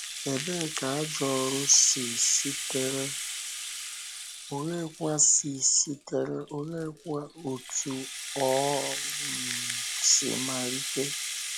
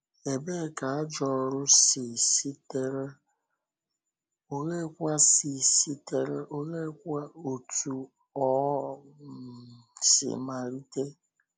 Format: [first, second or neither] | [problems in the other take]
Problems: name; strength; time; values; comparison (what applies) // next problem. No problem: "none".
second | background sound (Rattle (instrument)); 6 dB below the speech